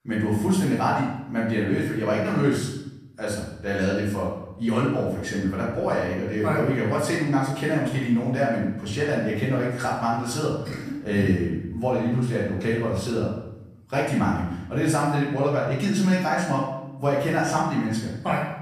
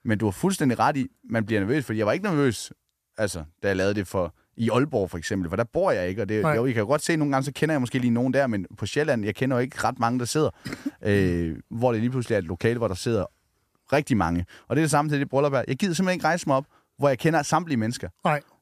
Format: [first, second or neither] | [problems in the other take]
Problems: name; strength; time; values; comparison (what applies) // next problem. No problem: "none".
second | room echo; noticeable; dies away in 0.8 s // off-mic speech; far